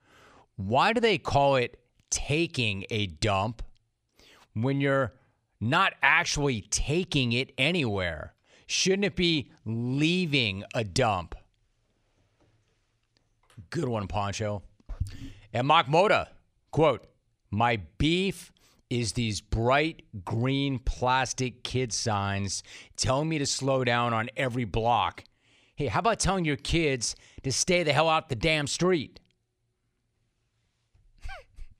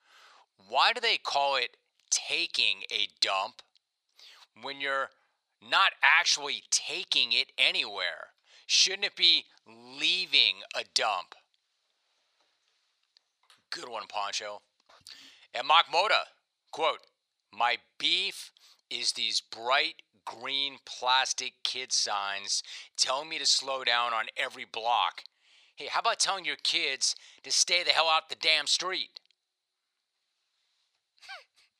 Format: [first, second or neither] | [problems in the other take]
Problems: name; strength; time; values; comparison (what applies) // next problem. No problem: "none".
first | thin; very; fading below 900 Hz